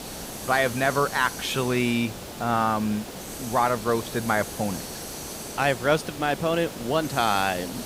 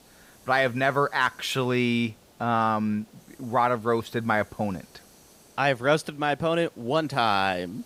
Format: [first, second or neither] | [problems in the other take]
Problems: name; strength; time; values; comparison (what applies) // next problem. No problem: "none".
second | hiss; loud; throughout; 10 dB below the speech; faint in the second